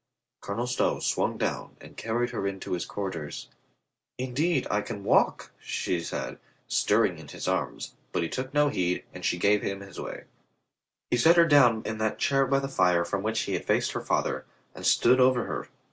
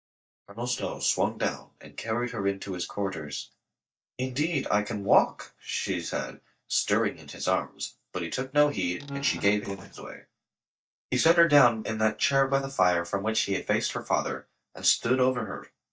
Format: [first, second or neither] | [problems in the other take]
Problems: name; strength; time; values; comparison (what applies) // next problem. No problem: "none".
first | noise reduction (neural mask model DeepFilterNet 3)